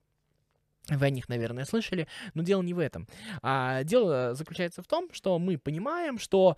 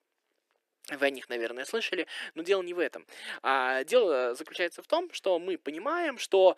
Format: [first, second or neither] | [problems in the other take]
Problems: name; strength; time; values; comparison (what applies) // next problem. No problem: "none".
first | thin; very; fading below 300 Hz